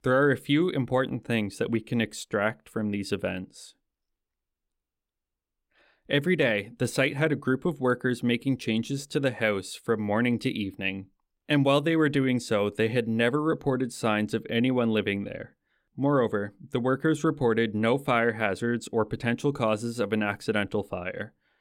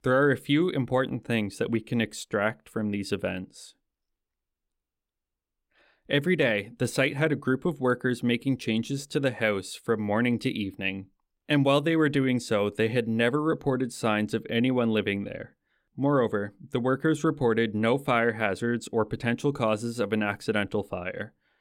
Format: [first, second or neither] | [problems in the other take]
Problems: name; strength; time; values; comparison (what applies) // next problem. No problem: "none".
neither | none